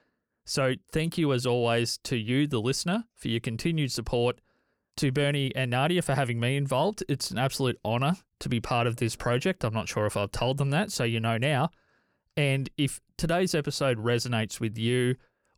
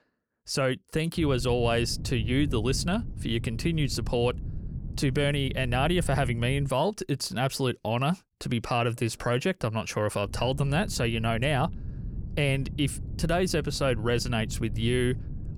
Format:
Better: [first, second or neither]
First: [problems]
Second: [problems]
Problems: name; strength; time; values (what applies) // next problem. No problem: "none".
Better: first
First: none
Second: wind noise on the microphone; occasional gusts; from 1 to 6.5 s and from 10 s on; 20 dB below the speech